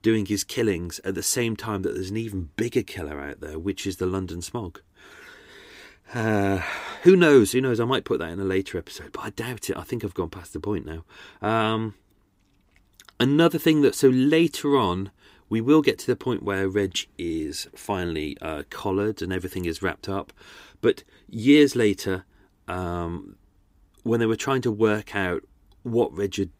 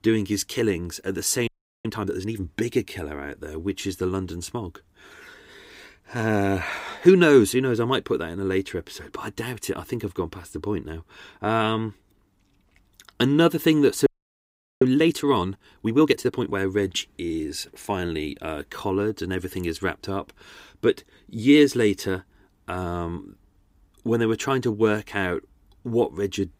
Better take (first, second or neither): first